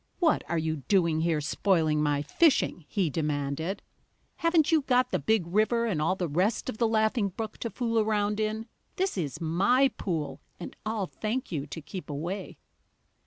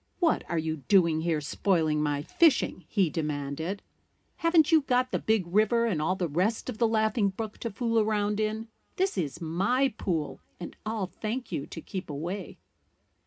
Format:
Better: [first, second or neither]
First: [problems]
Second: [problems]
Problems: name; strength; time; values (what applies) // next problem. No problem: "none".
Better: first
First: none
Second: room echo; dies away in 0.3 s